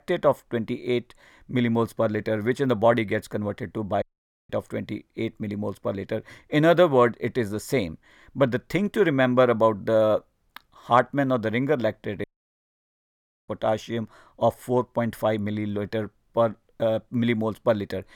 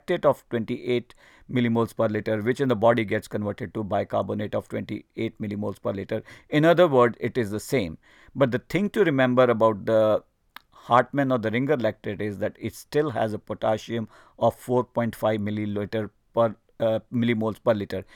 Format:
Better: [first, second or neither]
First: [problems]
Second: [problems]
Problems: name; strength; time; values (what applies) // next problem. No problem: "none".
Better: second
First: audio cutting out; at 4 s and at 12 s for 1 s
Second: none